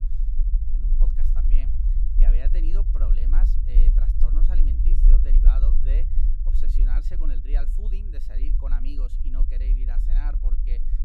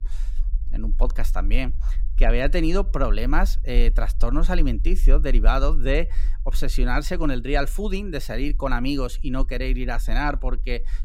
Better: second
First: low rumble; loud; throughout; 2 dB below the speech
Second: low rumble; faint; throughout; 25 dB below the speech

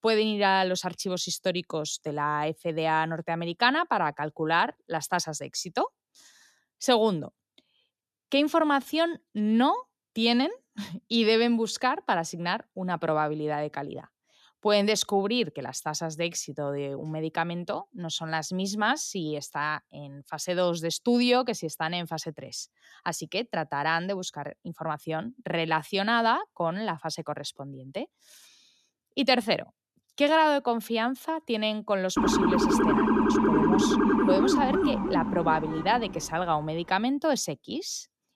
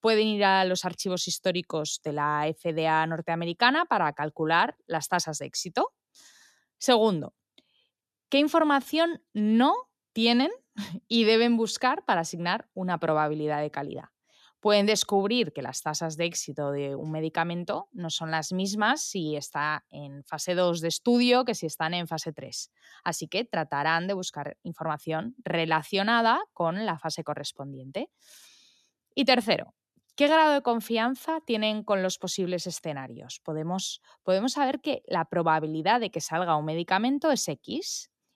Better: second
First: siren; loud; from 32 to 36 s; peak 5 dB above the speech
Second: none

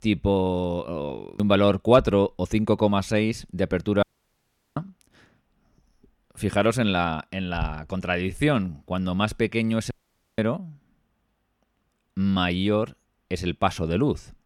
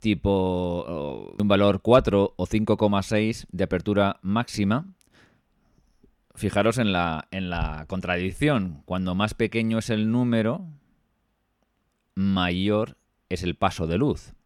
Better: second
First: audio cutting out; at 4 s for 0.5 s and at 10 s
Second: none

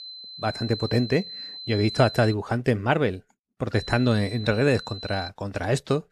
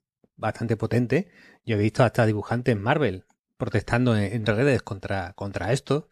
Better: second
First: high-pitched whine; noticeable; until 2.5 s and from 4 to 5.5 s; 4 kHz, 10 dB below the speech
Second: none

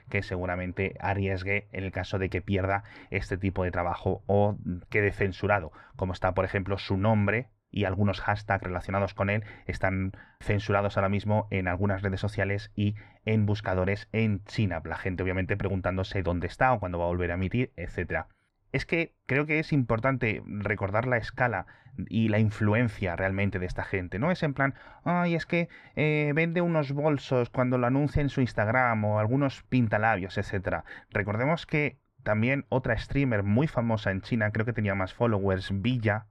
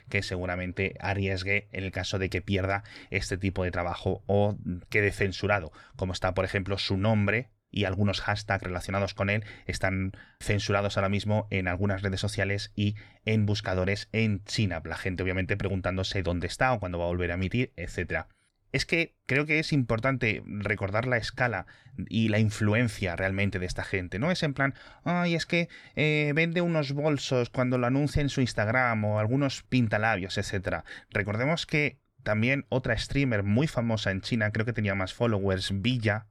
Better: second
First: muffled; slightly; fading above 3.5 kHz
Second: none

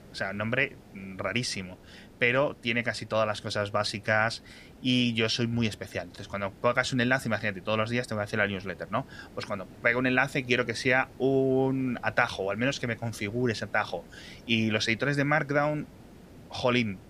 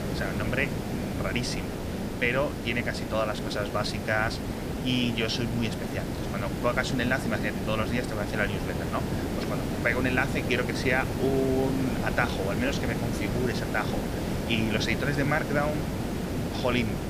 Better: first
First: hiss; faint; throughout; 25 dB below the speech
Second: hiss; loud; throughout; 2 dB below the speech

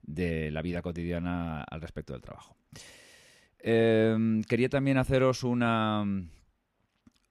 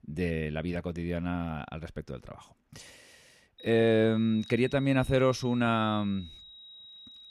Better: first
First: none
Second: high-pitched whine; noticeable; from 3.5 s on; 4 kHz, 20 dB below the speech

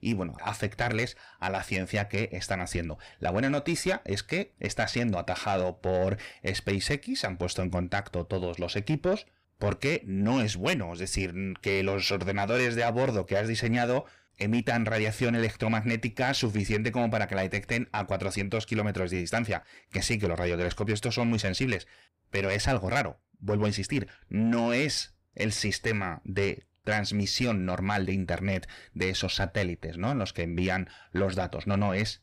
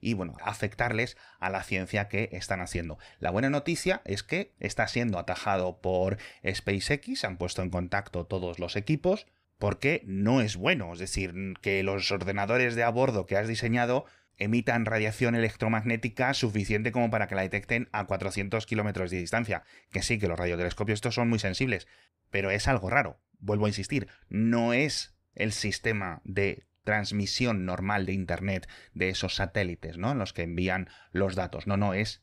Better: second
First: distortion; slight; 10 dB below the speech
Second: none

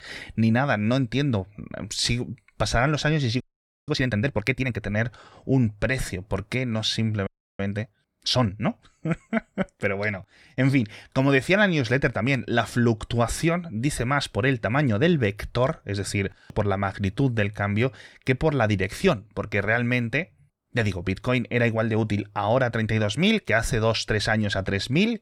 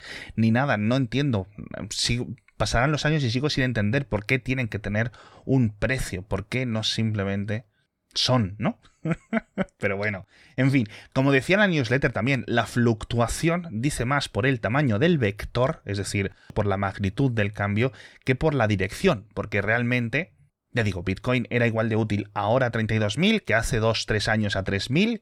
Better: second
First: audio freezing; at 3.5 s and at 7.5 s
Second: none

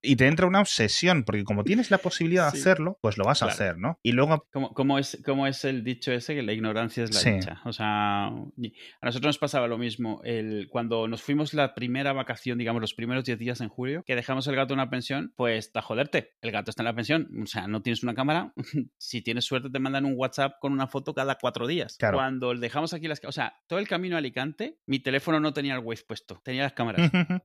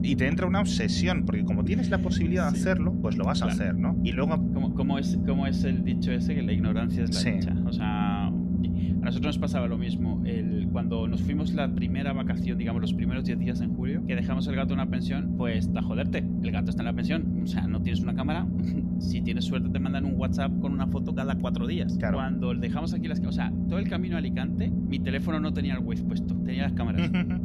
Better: first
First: none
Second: low rumble; loud; throughout; 1 dB below the speech

